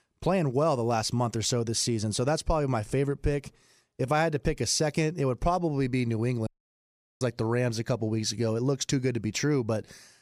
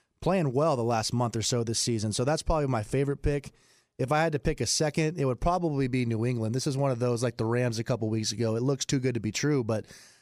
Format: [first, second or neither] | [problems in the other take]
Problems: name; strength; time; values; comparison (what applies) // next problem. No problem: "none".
second | audio cutting out; at 6.5 s for 0.5 s